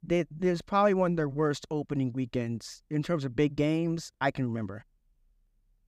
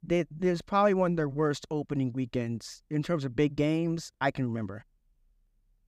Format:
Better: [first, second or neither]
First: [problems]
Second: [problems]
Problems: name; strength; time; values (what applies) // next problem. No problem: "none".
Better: neither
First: none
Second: none